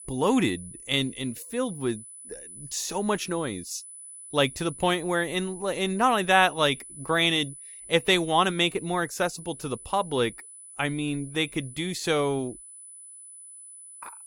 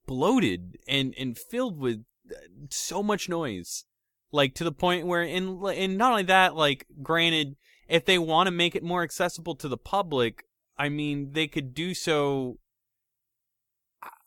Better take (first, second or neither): second